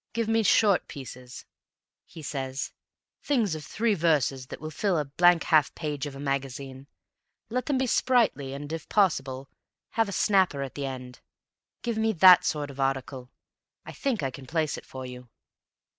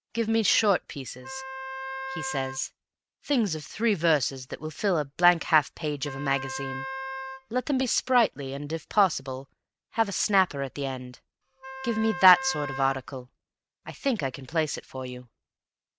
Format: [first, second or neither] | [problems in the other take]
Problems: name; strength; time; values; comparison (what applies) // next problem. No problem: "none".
first | background sound (Wind instrument, woodwind instrument); 8 dB below the speech